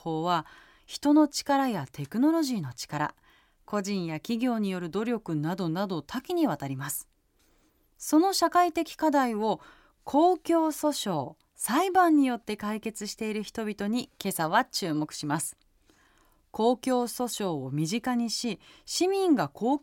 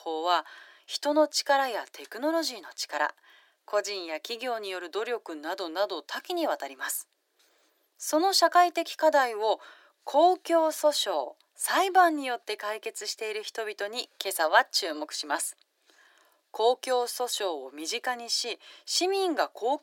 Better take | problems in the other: first | thin; very; fading below 350 Hz

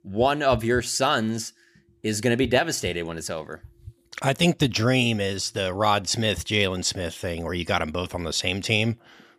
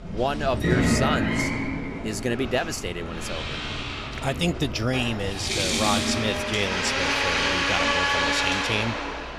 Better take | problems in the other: first | household noises; very loud; throughout; 3 dB above the speech

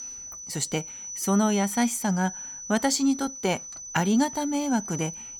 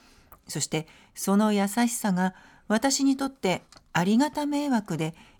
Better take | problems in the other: second | high-pitched whine; loud; throughout; 6 kHz, 9 dB below the speech

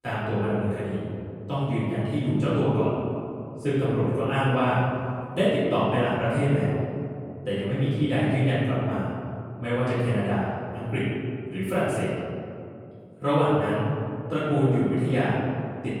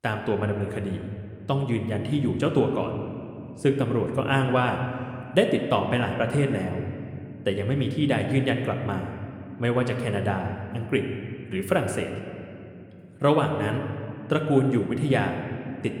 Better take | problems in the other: second | room echo; strong; dies away in 2.4 s; slight in the second // off-mic speech; far

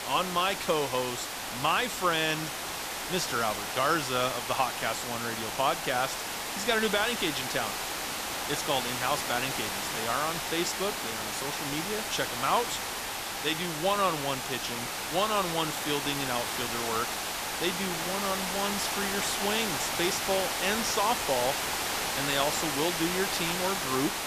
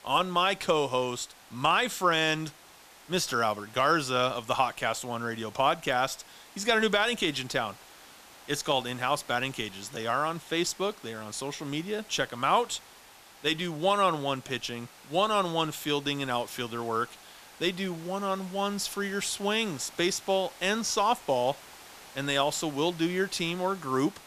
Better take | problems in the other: second | hiss; loud; throughout; 1 dB below the speech; faint in the second

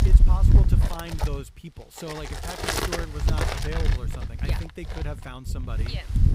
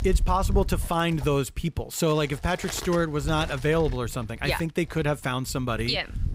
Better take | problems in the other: second | wind noise on the microphone; heavy; 5 dB above the speech; occasional gusts in the second

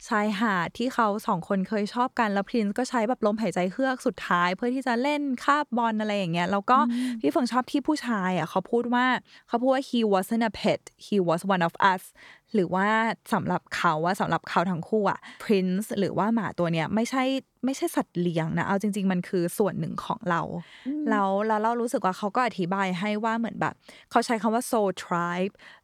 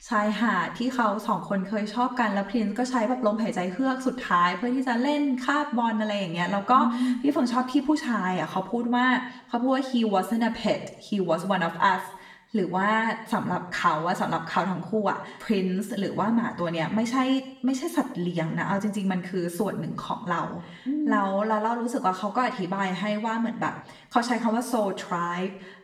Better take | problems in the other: first | room echo; slight; dies away in 0.7 s // off-mic speech; somewhat distant

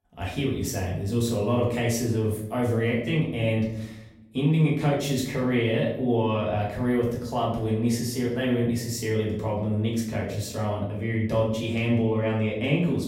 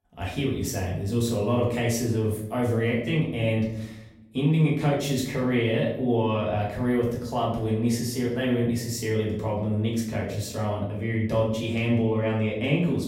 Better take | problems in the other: neither | room echo; noticeable; dies away in 0.8 s; the same in both // off-mic speech; far; the same in both

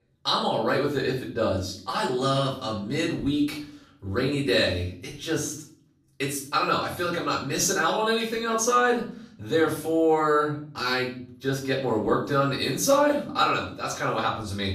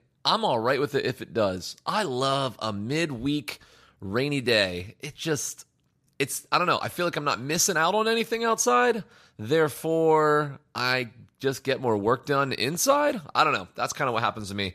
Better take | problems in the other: second | off-mic speech; far // room echo; slight; dies away in 0.5 s

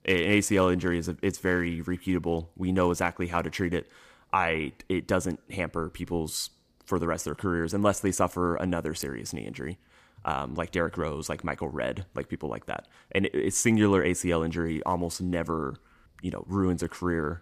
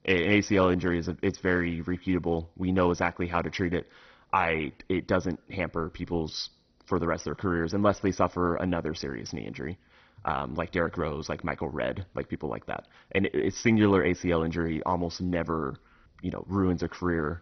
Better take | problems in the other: first | garbled, watery; badly; nothing above 6 kHz

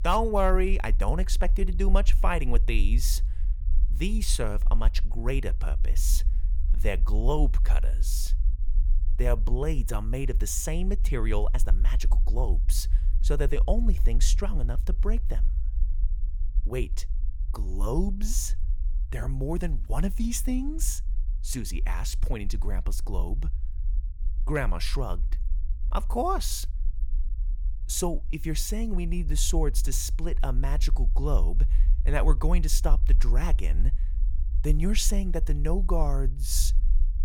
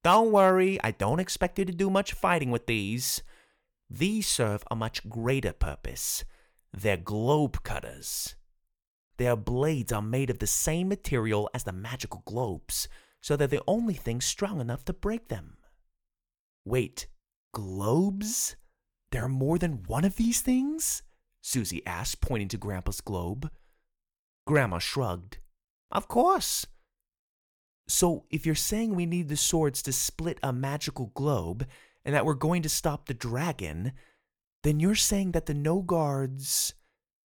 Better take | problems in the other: second | low rumble; faint; throughout; 20 dB below the speech

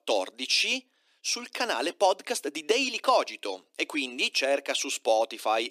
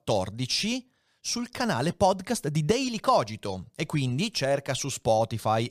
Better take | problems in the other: second | thin; somewhat; fading below 300 Hz

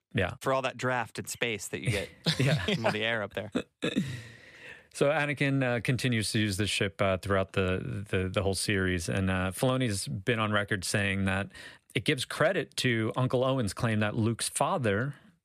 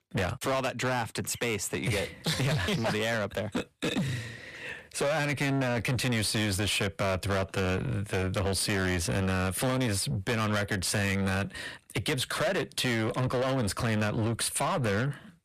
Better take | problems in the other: first | distortion; heavy; 7 dB below the speech

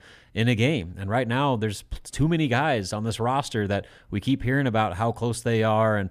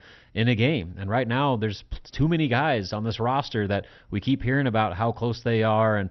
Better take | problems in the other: first | garbled, watery; slightly; nothing above 6 kHz

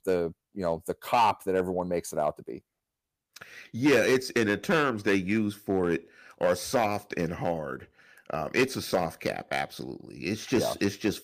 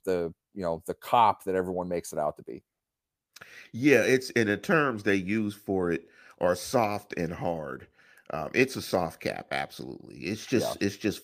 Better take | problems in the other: second | distortion; slight; 2% of the sound clipped

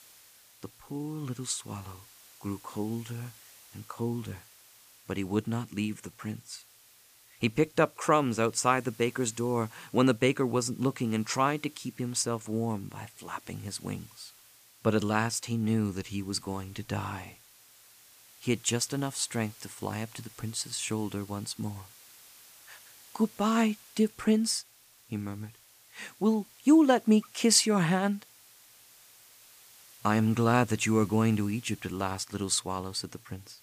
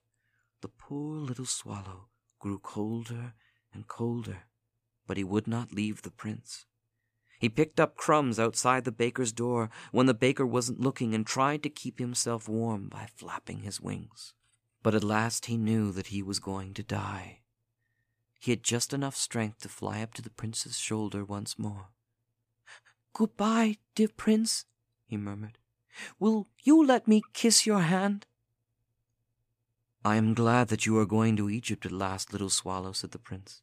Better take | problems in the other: second | hiss; faint; throughout; 25 dB below the speech

